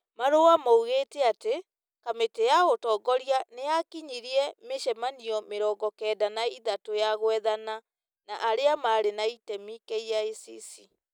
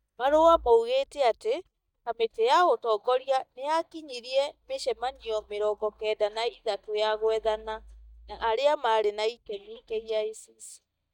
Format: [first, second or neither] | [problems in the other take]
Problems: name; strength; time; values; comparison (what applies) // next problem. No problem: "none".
first | noise reduction (neural mask model DeepFilterNet 3)